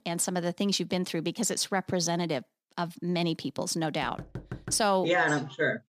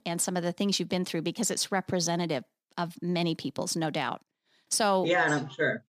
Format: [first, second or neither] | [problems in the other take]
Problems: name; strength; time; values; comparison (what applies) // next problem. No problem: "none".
second | door banging; faint; at 4 s; peak 10 dB below the speech